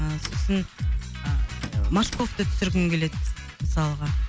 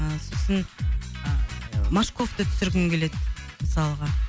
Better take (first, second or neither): second